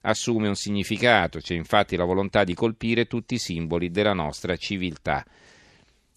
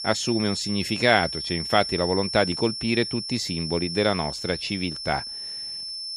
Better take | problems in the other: first | high-pitched whine; loud; throughout; 5.5 kHz, 5 dB below the speech

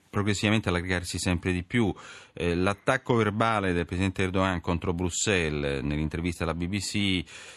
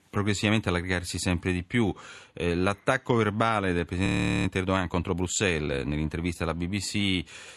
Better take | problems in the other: first | audio freezing; at 4 s

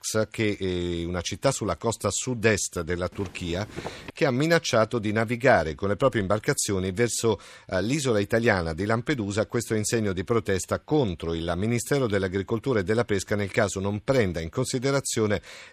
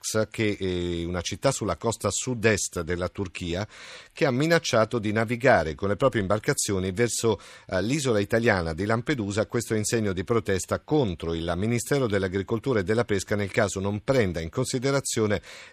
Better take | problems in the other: second | footsteps; faint; at 3 s; peak 15 dB below the speech

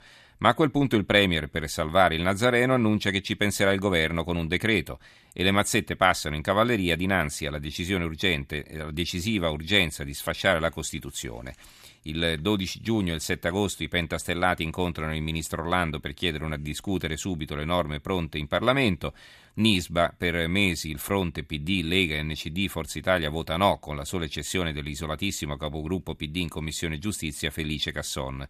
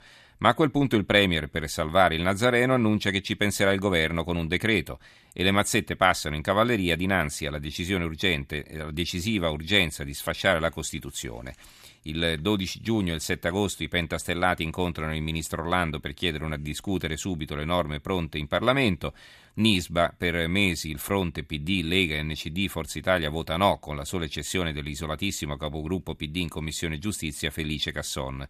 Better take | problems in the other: neither | none

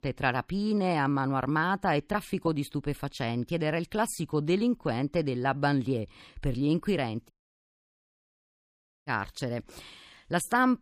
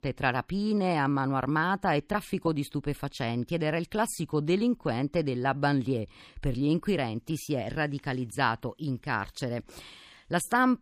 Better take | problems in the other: second | audio cutting out; at 7.5 s for 2 s

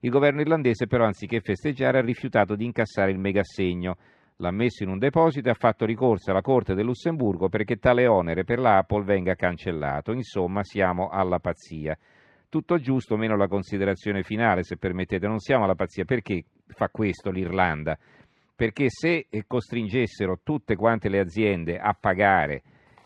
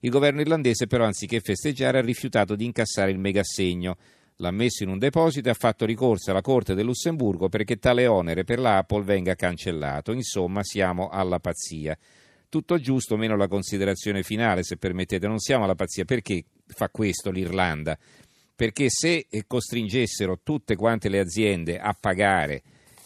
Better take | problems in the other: second | muffled; very; fading above 2 kHz

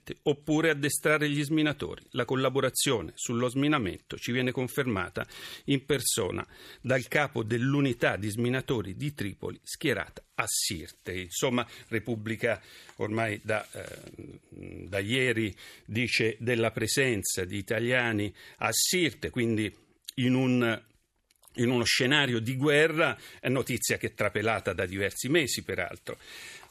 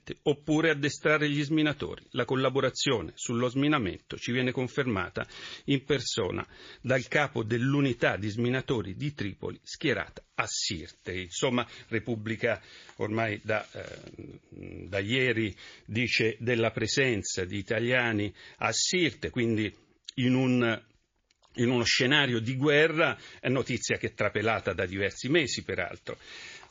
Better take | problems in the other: first | garbled, watery; slightly

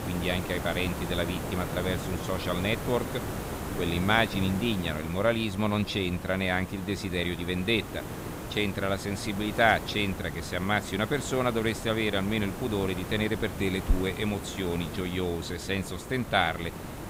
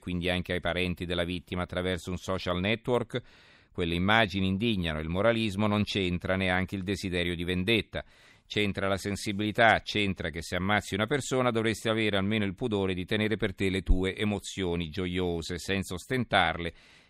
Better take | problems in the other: second | hiss; loud; throughout; 8 dB below the speech

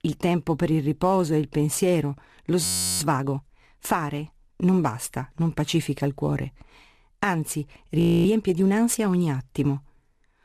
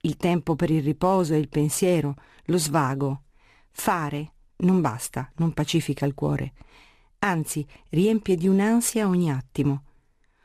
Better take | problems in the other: second | audio freezing; at 2.5 s and at 8 s

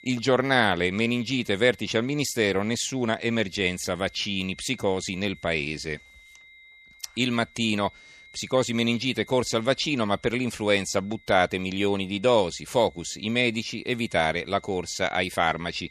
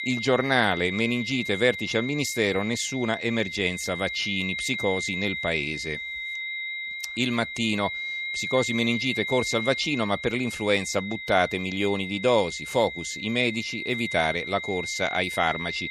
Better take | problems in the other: first | high-pitched whine; loud; throughout; 2 kHz, 5 dB below the speech; faint in the first

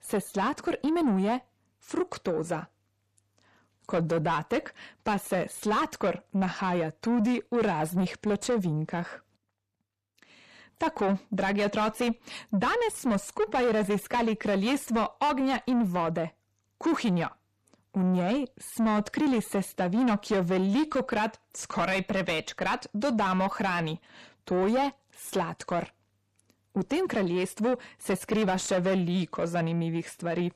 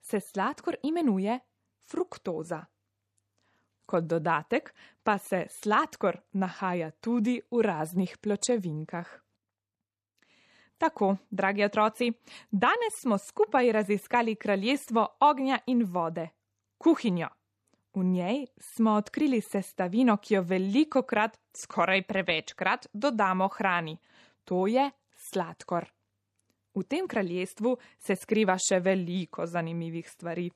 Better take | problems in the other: second | distortion; heavy; 7 dB below the speech

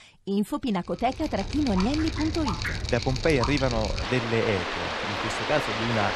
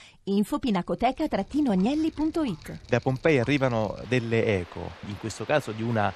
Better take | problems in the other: second | rain or running water; loud; from 1.5 s on; 3 dB below the speech; faint in the second

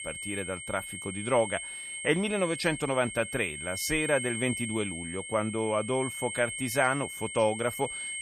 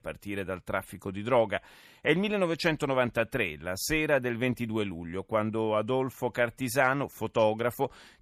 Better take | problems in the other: second | high-pitched whine; loud; throughout; 2 kHz, 6 dB below the speech

